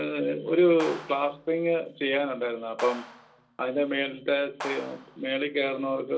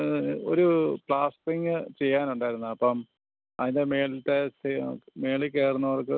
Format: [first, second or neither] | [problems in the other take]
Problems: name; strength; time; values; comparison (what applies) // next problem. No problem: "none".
second | background sound (Clapping); 15 dB below the speech // room echo; dies away in 0.2 s